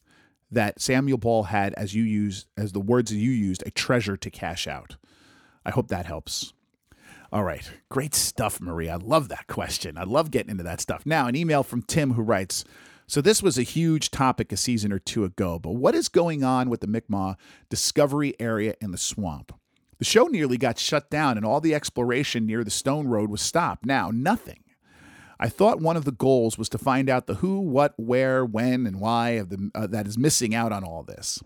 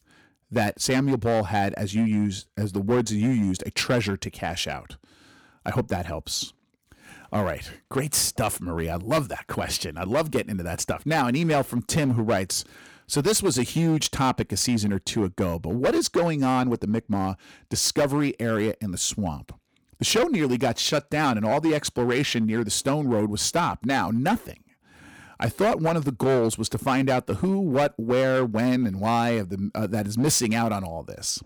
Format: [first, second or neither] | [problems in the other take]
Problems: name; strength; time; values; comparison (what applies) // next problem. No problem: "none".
first | distortion; slight; 7% of the sound clipped